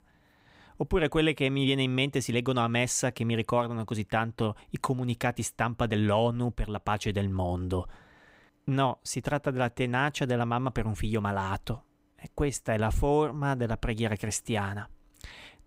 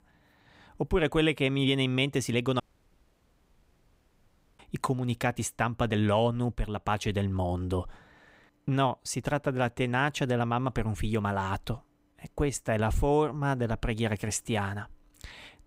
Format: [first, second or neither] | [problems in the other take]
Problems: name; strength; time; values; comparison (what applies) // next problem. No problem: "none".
first | audio cutting out; at 2.5 s for 2 s